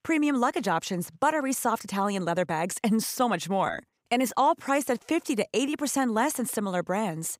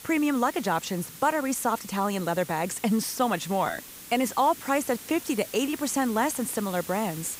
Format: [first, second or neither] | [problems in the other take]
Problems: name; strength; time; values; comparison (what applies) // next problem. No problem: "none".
first | hiss; noticeable; throughout; 15 dB below the speech